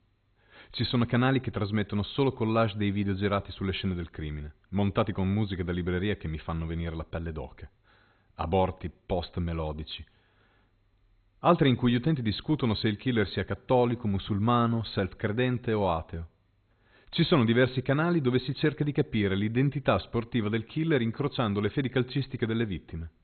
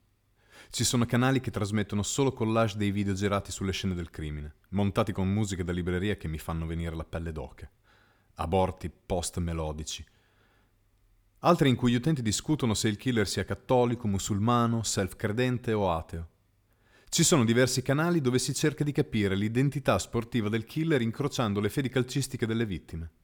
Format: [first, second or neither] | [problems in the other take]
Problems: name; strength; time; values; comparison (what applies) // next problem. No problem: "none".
second | garbled, watery; badly; nothing above 4 kHz